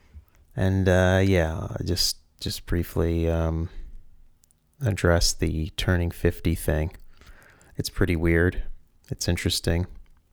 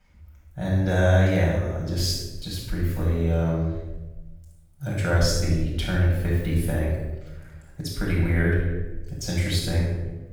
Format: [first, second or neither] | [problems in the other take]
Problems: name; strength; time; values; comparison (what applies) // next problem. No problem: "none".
first | off-mic speech; far // room echo; strong; dies away in 1 s